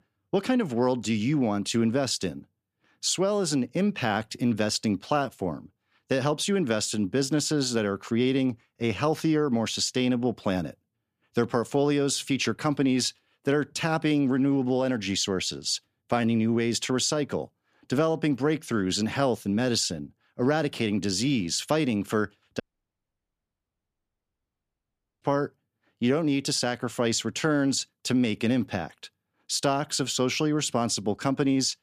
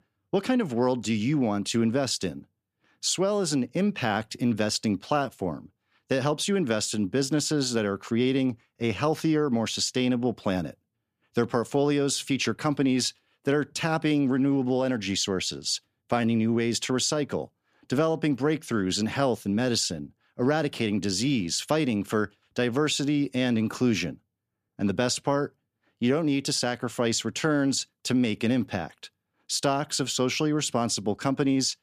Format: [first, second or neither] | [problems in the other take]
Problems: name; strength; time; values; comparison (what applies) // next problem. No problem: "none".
second | audio cutting out; at 23 s for 2.5 s